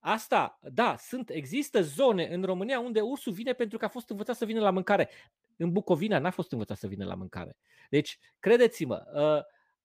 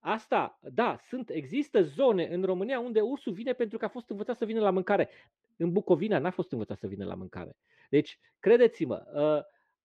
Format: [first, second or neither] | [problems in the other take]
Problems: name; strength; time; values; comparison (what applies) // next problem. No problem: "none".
first | muffled; slightly; fading above 3.5 kHz